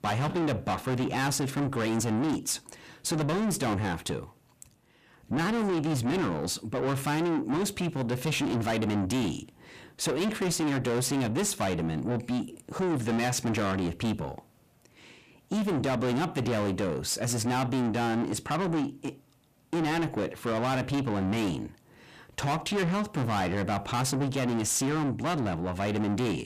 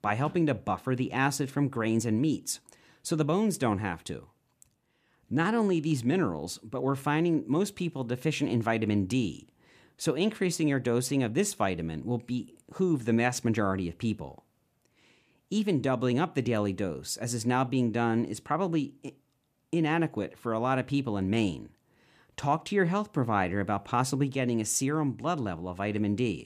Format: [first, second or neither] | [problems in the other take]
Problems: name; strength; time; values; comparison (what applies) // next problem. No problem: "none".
second | distortion; heavy; 6 dB below the speech